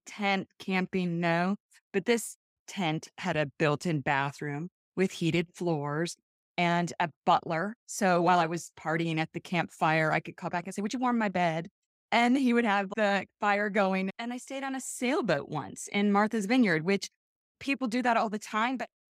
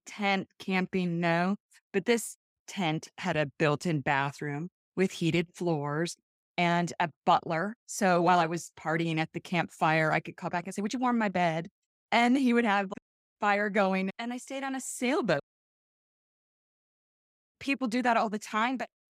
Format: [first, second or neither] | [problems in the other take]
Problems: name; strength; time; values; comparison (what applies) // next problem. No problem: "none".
first | audio cutting out; at 13 s and at 15 s for 2 s